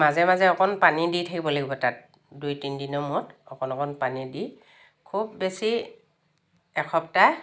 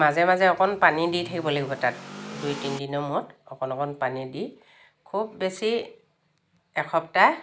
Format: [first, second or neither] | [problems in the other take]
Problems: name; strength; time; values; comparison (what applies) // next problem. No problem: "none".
first | background sound (Accelerating, revving, vroom / Car); 14 dB below the speech